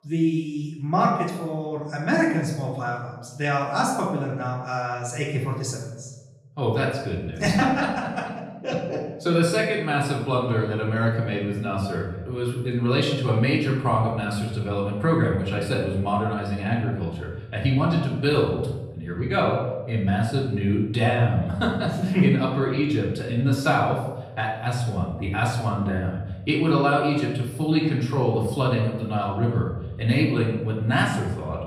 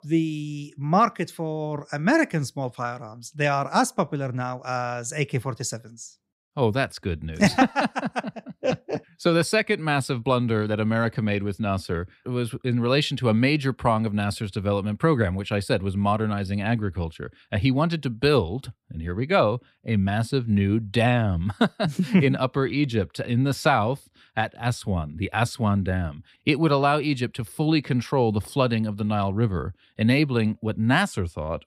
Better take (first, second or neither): second